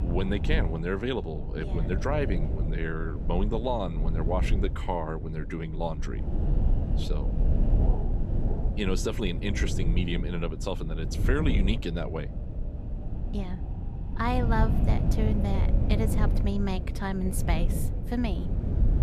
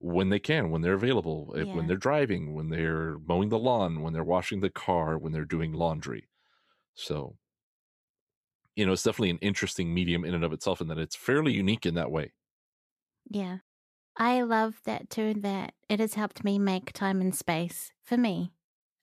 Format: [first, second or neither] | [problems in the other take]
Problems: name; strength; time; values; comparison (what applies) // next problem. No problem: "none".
second | wind noise on the microphone; heavy; 8 dB below the speech